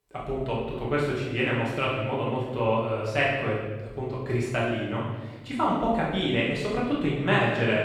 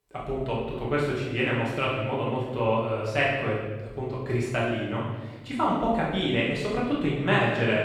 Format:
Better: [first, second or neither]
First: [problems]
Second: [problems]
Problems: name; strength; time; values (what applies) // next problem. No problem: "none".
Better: neither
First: off-mic speech; far // room echo; strong; dies away in 1.2 s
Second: off-mic speech; far // room echo; strong; dies away in 1.2 s